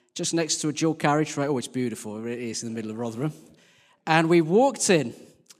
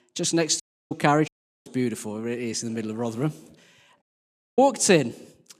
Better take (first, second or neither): first